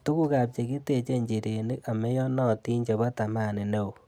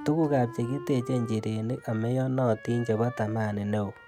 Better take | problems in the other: first | background sound (Wind instrument, woodwind instrument); 16 dB below the speech

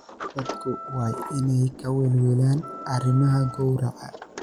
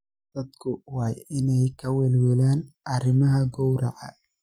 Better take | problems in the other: second | background sound (Wind instrument, woodwind instrument + Sliding door); 13 dB below the speech

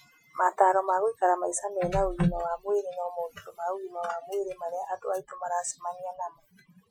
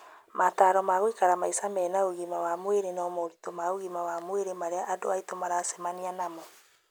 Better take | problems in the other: second | noise reduction (classical method Wiener filter)

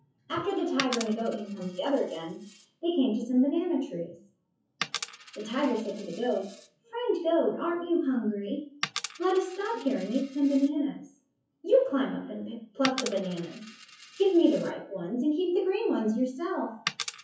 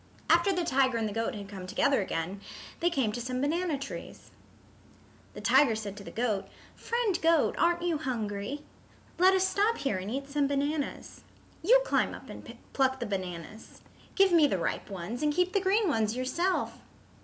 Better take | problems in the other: second | noise reduction (classical method WPE with log-MMSE)

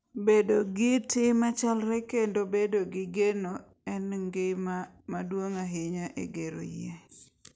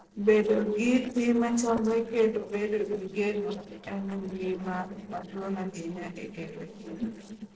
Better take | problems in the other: first | noise reduction (neural separator model SepFormer DNS4)

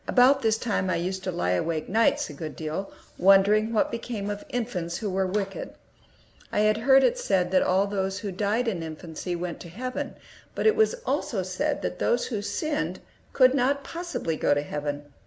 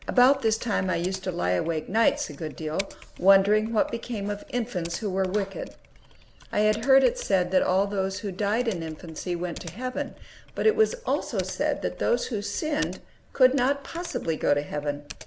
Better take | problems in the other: first | background sound (Typing); 20 dB below the speech

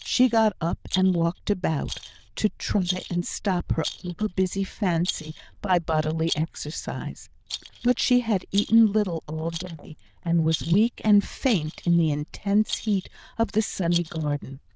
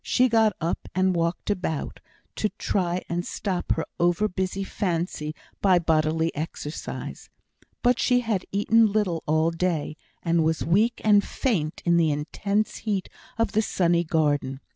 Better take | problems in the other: second | noise reduction (neural diffusion model UNIVERSE++)

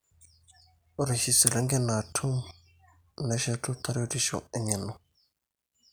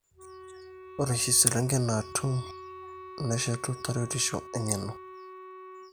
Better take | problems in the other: first | background sound (Wind instrument, woodwind instrument); 14 dB below the speech

